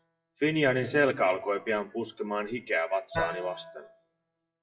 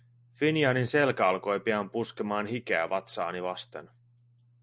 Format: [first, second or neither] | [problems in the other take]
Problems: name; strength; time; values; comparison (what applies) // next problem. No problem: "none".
second | noise reduction (classical method WPE with log-MMSE)